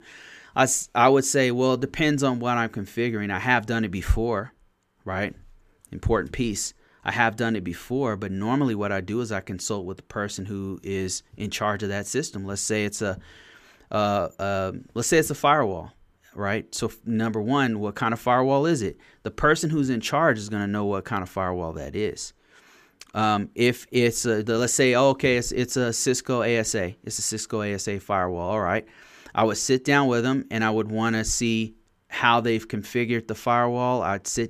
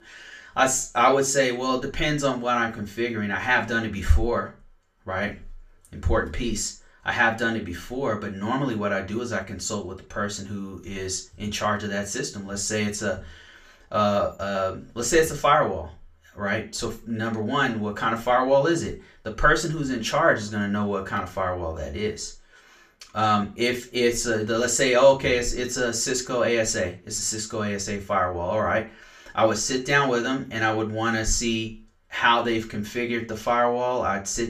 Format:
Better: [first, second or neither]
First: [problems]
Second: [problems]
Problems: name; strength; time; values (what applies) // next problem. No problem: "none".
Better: first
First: none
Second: room echo; very slight; dies away in 0.3 s // off-mic speech; far